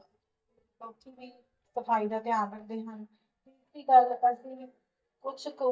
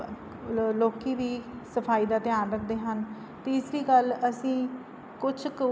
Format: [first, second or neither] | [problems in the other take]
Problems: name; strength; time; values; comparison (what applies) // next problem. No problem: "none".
second | noise reduction (neural mask model DeepFilterNet 3)